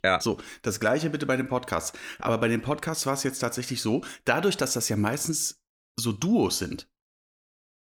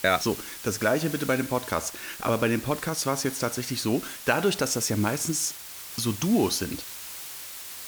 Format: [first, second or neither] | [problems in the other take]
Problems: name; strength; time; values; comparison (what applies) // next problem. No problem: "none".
first | hiss; noticeable; throughout; 10 dB below the speech